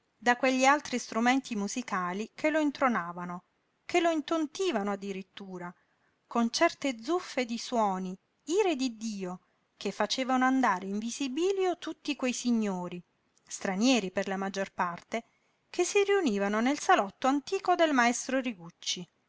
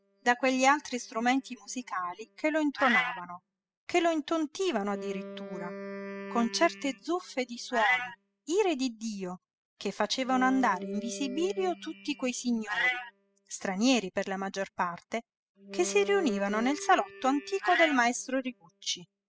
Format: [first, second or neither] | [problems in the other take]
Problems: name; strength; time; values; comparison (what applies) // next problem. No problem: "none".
first | noise reduction (classical method spectral subtraction)